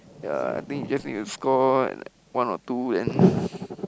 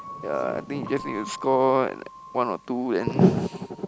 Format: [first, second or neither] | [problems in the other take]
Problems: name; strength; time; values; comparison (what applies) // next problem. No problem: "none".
first | background sound (Piano); 17 dB below the speech